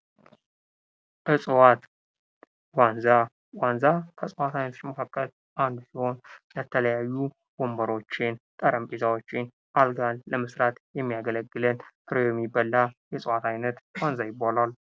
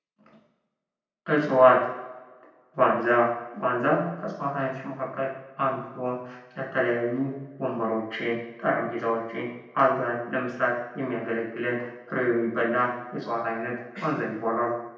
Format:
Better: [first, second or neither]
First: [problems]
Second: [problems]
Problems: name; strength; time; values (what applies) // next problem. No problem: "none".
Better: first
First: none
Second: room echo; dies away in 0.8 s